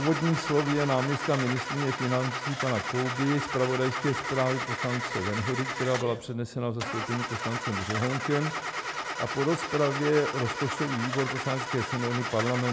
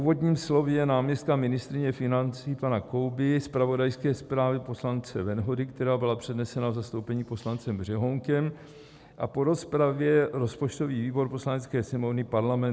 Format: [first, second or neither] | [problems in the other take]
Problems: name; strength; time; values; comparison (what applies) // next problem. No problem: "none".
second | background sound (Engine starting / Car); 4 dB below the speech